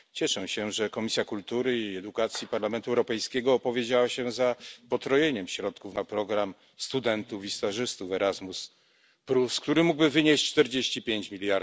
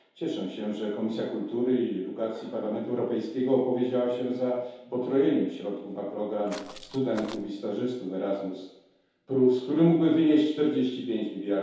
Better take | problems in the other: first | background sound (Walk, footsteps); 16 dB below the speech // room echo; dies away in 0.8 s

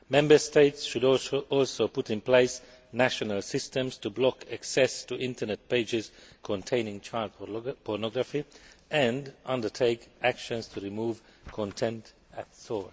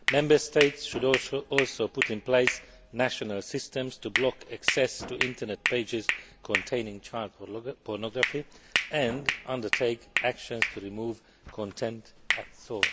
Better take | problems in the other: first | background sound (Hands); 4 dB below the speech

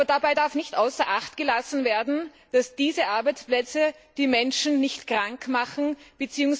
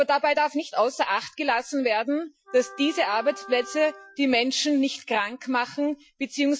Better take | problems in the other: first | noise reduction (classical method Wiener filter)

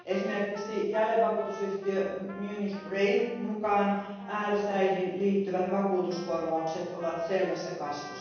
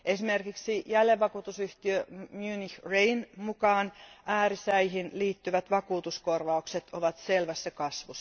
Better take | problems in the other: second | background sound (Trumpet); 18 dB below the speech // room echo; dies away in 1.3 s

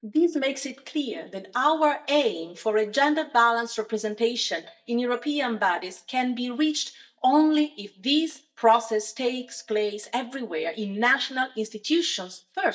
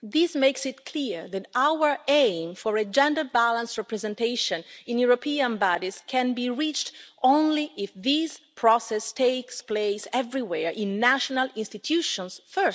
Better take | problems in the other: second | noise reduction (neural mask model DeepFilterNet 3)

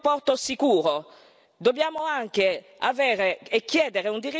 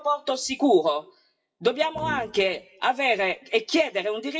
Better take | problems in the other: first | noise reduction (classical method WPE with log-MMSE)

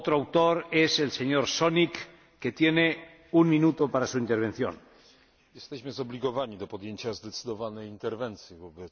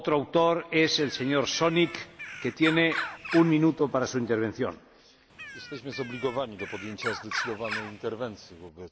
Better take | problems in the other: first | background sound (Bird); 11 dB below the speech

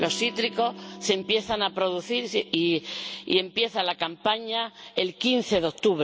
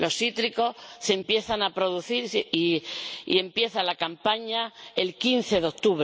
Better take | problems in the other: second | background sound (Electric guitar / Strum); 20 dB below the speech

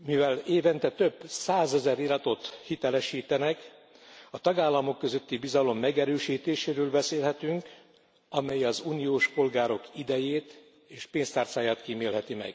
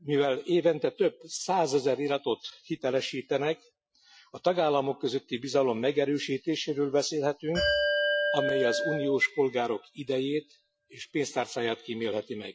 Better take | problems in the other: first | noise reduction (classical method Wiener filter)

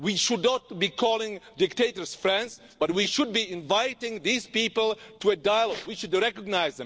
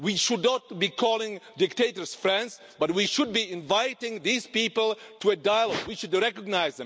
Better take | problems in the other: second | noise reduction (neural separator model SepFormer DNS4)

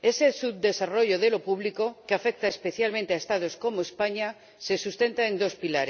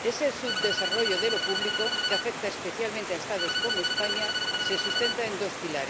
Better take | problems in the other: first | background sound (Stream + Bowed string instrument); 2 dB above the speech

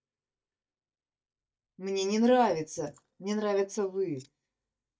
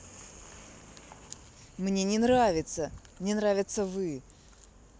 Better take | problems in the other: second | noise reduction (neural mask model DeepFilterNet 3)

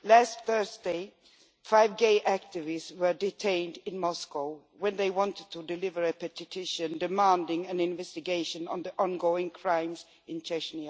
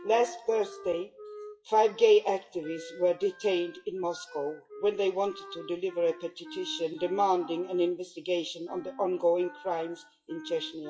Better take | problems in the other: first | noise reduction (classical method WPE with log-MMSE)

